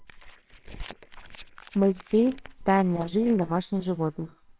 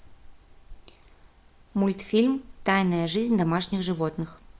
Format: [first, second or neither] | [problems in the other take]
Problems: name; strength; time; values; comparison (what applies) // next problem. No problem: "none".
second | noise reduction (neural separator model SepFormer WHAMR!)